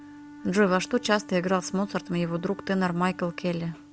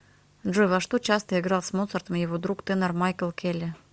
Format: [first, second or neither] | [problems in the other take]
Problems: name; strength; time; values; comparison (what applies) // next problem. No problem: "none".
second | background sound (Wind instrument, woodwind instrument); 18 dB below the speech